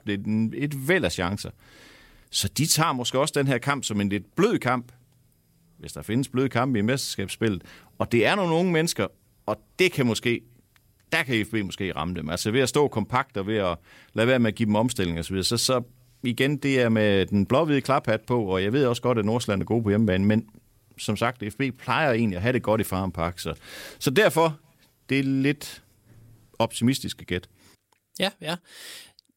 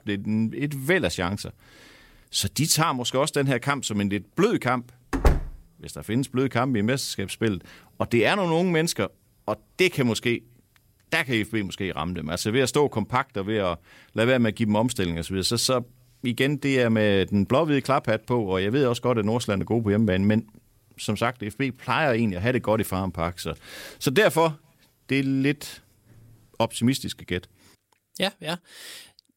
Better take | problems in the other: first | door banging; loud; at 5 s; peak level with the speech

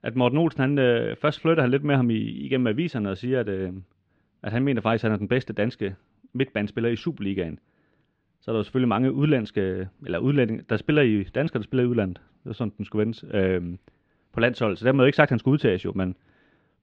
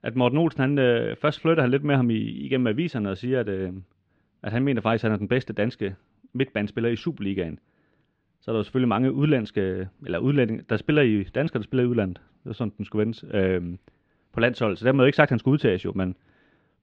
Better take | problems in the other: neither | muffled; slightly; fading above 3 kHz; the same in both

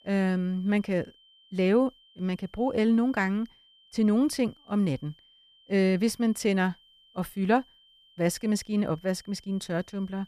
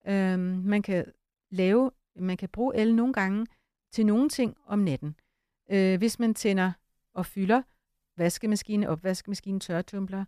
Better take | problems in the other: second | high-pitched whine; faint; throughout; 3 kHz, 30 dB below the speech

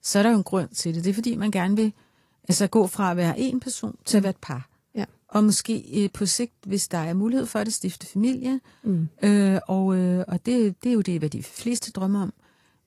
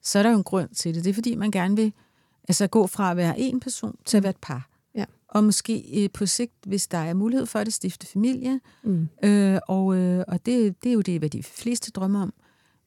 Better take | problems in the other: second | garbled, watery; slightly

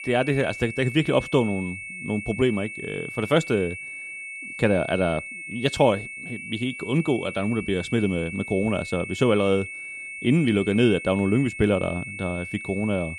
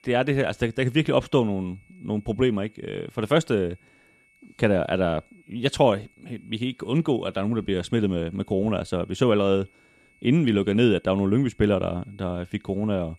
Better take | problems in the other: second | high-pitched whine; loud; throughout; 2 kHz, 10 dB below the speech; faint in the second

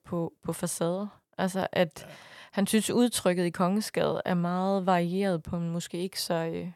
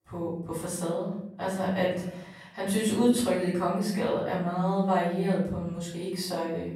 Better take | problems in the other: first | off-mic speech; far // room echo; noticeable; dies away in 0.7 s

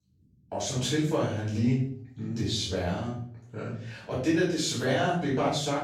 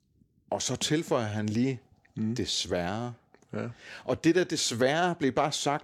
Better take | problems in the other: second | off-mic speech; far // room echo; noticeable; dies away in 0.6 s

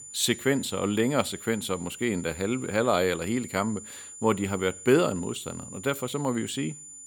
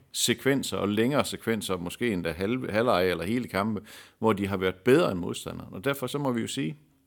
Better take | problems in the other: second | high-pitched whine; noticeable; throughout; 7 kHz, 15 dB below the speech

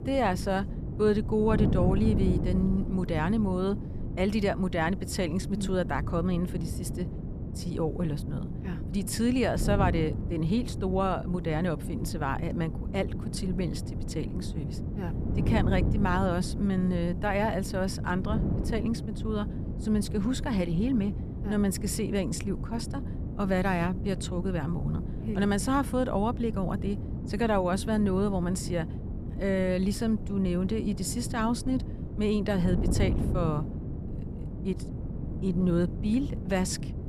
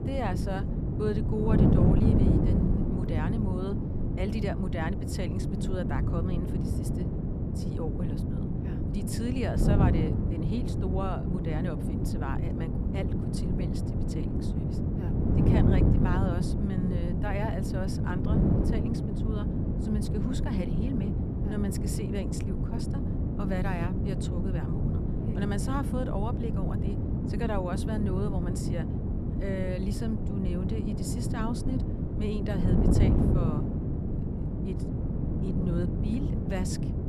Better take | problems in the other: first | wind noise on the microphone; heavy; 1 dB above the speech; occasional gusts in the first

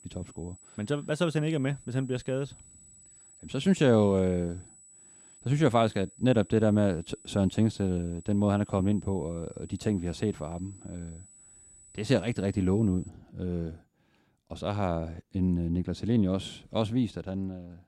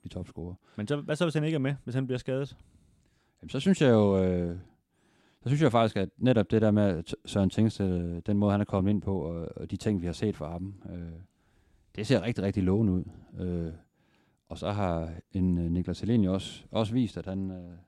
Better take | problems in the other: second | high-pitched whine; faint; until 13 s; 8 kHz, 25 dB below the speech

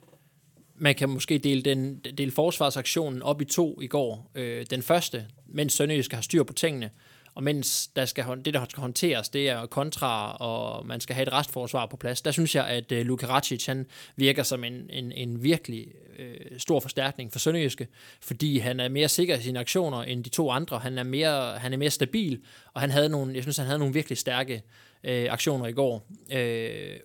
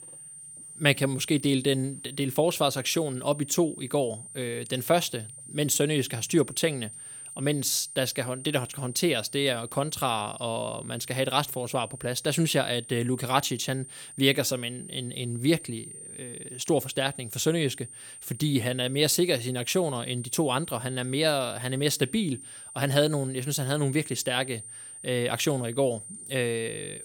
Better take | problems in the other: first | high-pitched whine; noticeable; throughout; 9 kHz, 15 dB below the speech

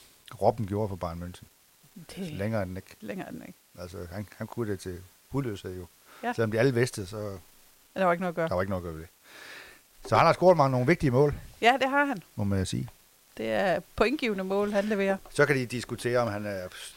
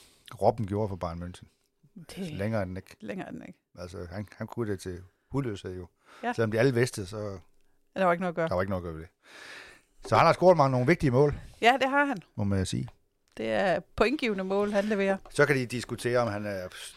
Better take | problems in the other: second | hiss; faint; throughout; 30 dB below the speech

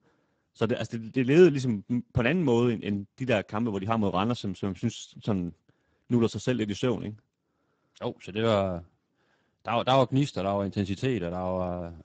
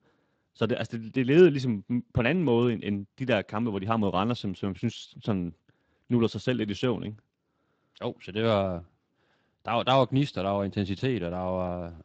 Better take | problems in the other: second | garbled, watery; badly; nothing above 7.5 kHz; slightly in the second

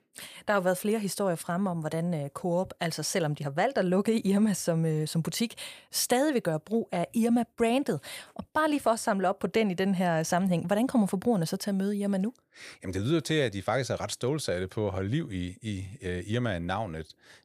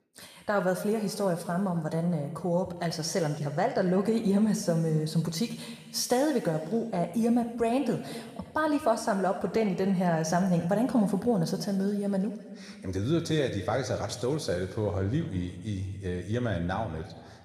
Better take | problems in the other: first | room echo; slight; dies away in 1.7 s

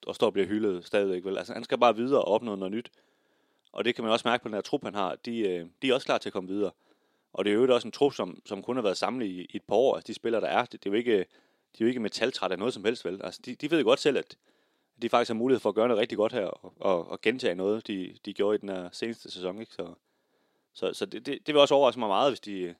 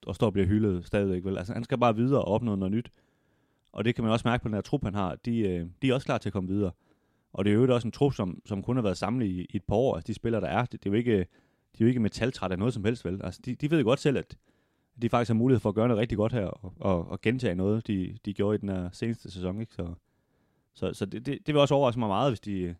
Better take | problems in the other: second | thin; somewhat; fading below 400 Hz

